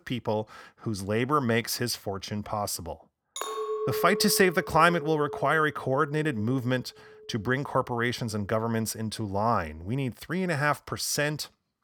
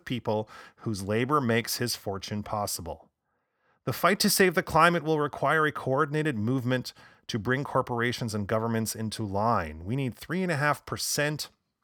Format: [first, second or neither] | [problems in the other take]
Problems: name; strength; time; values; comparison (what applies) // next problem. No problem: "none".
second | clattering dishes; noticeable; from 3.5 to 6.5 s; peak 3 dB below the speech